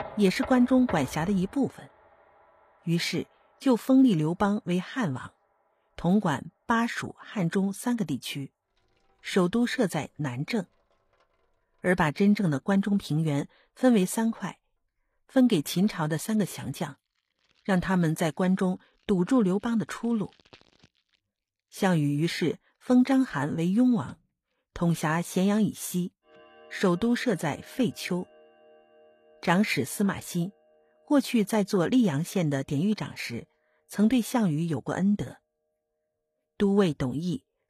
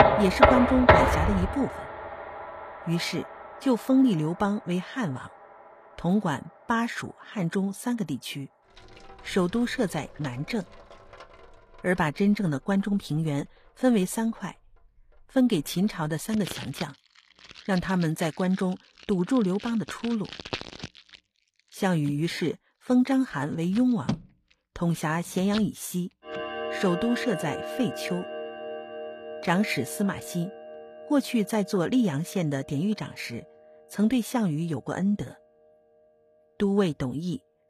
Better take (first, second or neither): first